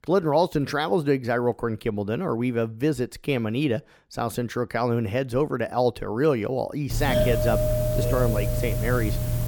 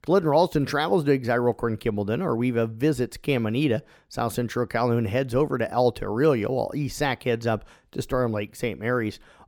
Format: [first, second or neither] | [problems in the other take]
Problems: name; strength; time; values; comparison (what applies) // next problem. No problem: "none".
second | doorbell; loud; from 7 s on; peak 3 dB above the speech